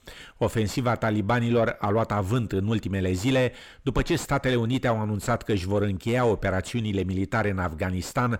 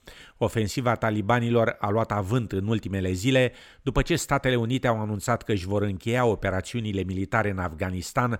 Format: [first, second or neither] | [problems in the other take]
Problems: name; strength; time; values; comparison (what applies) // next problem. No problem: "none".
second | distortion; slight; 10 dB below the speech